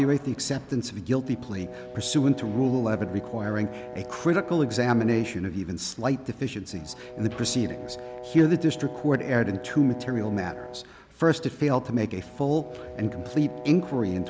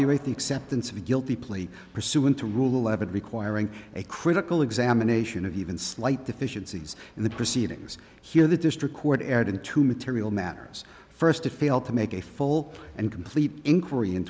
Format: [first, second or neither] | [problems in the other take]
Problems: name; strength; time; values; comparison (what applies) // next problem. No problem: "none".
second | background sound (Brass instrument); 15 dB below the speech